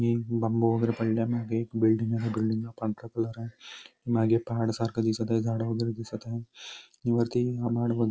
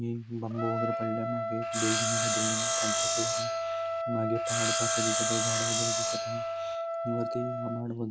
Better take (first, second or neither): first